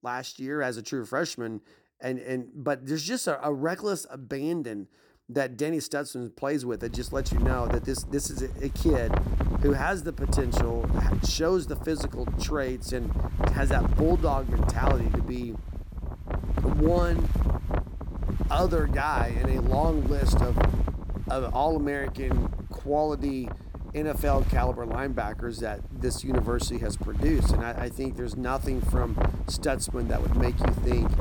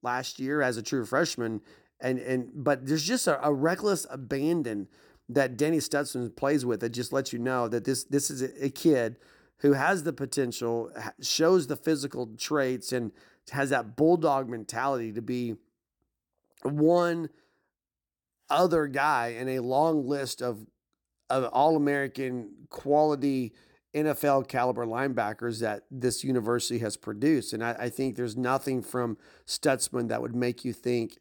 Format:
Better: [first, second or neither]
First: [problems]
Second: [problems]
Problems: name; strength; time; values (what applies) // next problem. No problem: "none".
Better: second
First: wind noise on the microphone; heavy; from 7 s on; 6 dB below the speech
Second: none